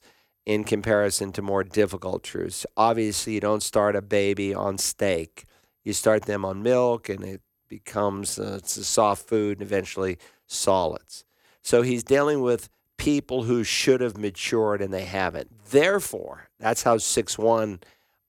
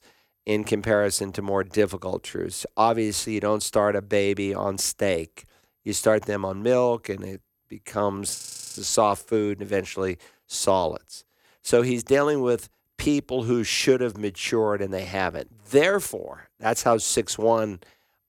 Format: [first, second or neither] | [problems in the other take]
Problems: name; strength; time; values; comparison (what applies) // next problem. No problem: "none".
first | audio freezing; at 8.5 s